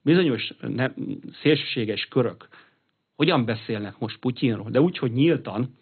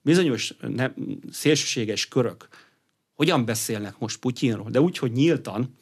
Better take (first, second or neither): second